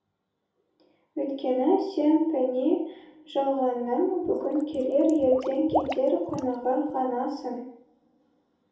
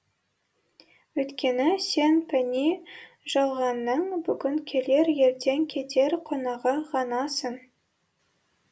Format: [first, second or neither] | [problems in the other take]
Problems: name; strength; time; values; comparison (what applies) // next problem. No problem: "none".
second | background sound (Water / Liquid); 10 dB below the speech // room echo; dies away in 2.8 s